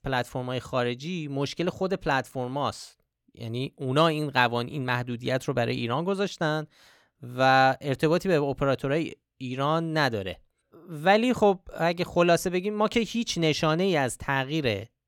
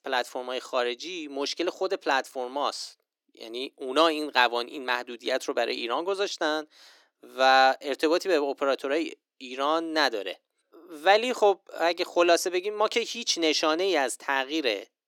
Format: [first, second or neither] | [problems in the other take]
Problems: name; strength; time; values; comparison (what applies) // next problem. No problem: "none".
first | thin; somewhat; fading below 300 Hz